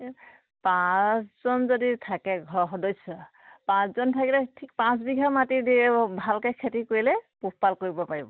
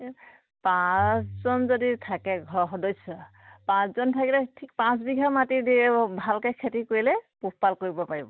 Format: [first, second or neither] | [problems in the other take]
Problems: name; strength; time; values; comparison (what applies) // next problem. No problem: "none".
first | background sound (Bowed string instrument); 15 dB below the speech